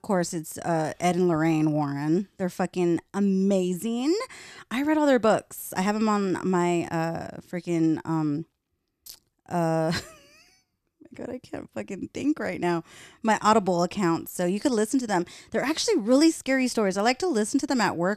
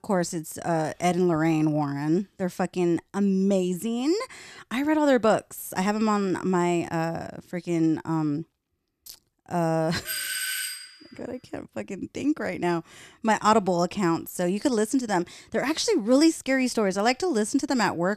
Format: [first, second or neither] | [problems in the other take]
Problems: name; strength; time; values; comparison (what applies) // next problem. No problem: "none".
first | doorbell; noticeable; at 10 s; peak 2 dB below the speech